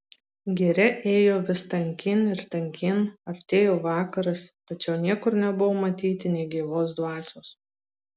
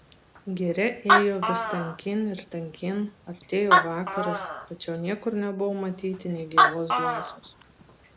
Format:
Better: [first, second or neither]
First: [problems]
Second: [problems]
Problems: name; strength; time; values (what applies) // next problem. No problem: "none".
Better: first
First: none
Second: background sound (Animal); 2 dB above the speech